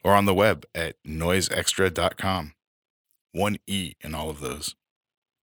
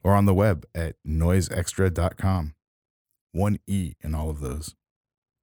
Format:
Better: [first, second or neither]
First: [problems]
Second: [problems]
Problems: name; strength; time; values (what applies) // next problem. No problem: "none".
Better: second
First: thin; somewhat; fading below 500 Hz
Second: none